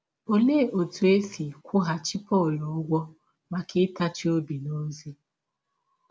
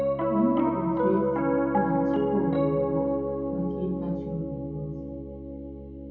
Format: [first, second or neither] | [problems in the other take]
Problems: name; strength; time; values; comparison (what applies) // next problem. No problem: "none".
first | background sound (Piano); 5 dB above the speech // room echo; dies away in 0.9 s